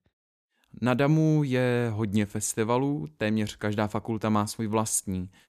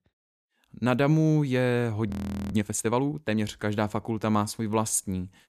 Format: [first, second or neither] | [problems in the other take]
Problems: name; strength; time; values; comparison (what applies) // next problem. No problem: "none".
first | audio freezing; at 2 s